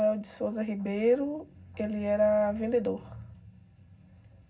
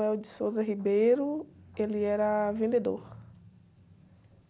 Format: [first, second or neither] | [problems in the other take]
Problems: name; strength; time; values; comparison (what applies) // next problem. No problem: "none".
second | room echo; dies away in 0.4 s